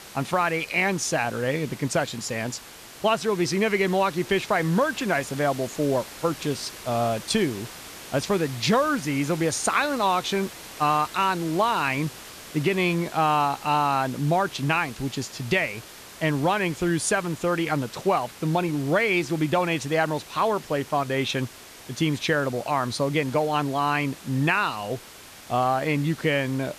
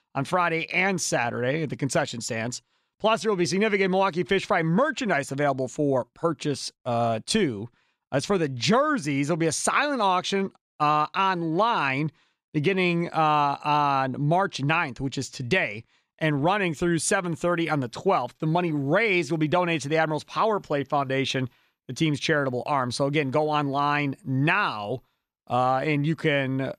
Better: second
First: hiss; noticeable; throughout; 15 dB below the speech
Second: none

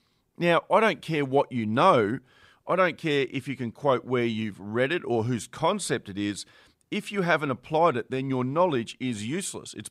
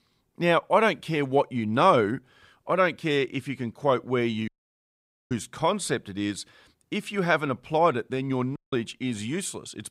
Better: first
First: none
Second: audio cutting out; at 4.5 s for 1 s and at 8.5 s

